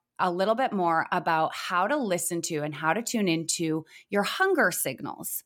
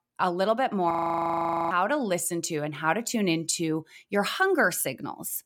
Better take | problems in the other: first | audio freezing; at 1 s for 1 s

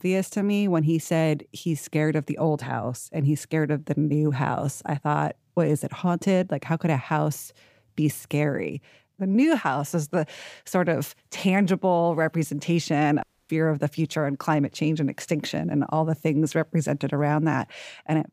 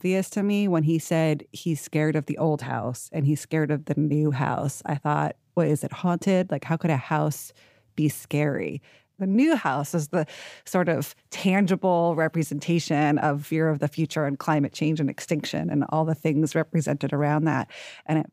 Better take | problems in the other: second | audio cutting out; at 13 s

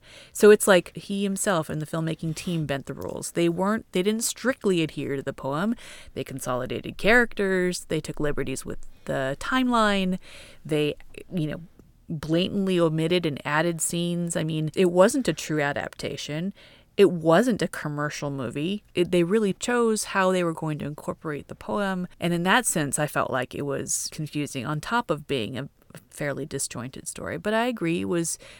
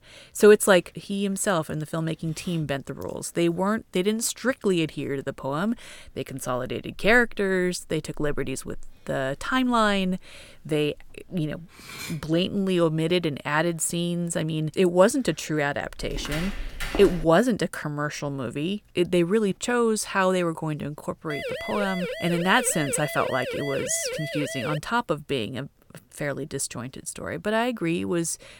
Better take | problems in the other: first | clattering dishes; faint; at 12 s; peak 10 dB below the speech // footsteps; noticeable; from 16 to 17 s; peak 6 dB below the speech // siren; noticeable; from 21 to 25 s; peak 6 dB below the speech

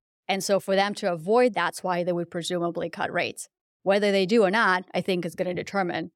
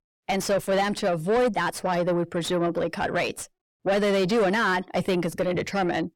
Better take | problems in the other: first | distortion; heavy; 6 dB below the speech

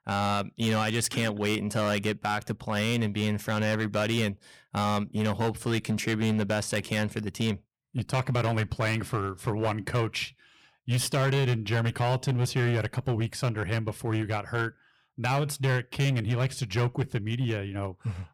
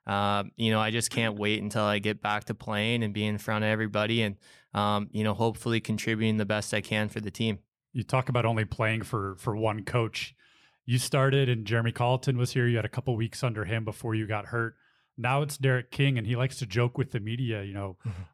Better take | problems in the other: second | distortion; slight; 10% of the sound clipped

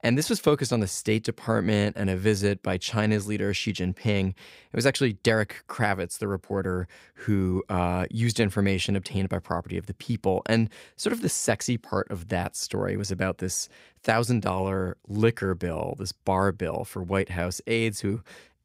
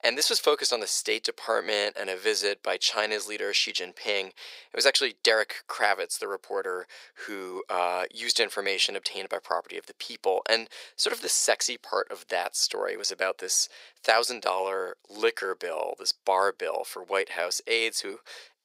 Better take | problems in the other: first | thin; very; fading below 450 Hz

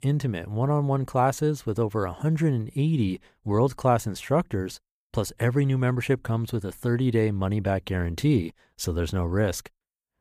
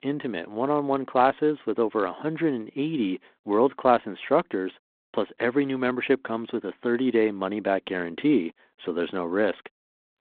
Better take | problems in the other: first | phone-call audio

